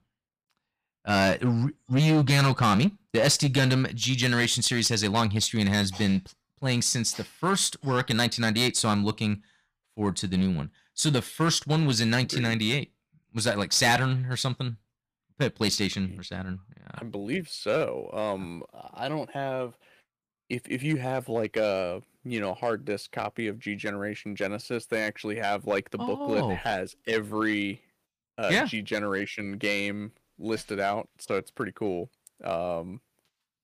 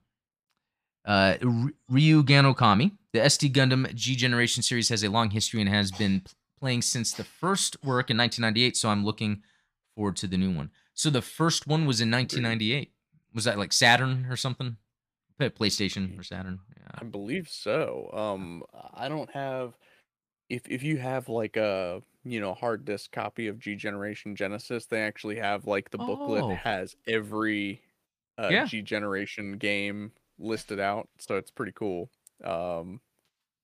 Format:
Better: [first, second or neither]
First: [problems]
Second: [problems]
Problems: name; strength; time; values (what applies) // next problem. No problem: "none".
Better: second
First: distortion; slight; 3% of the sound clipped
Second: none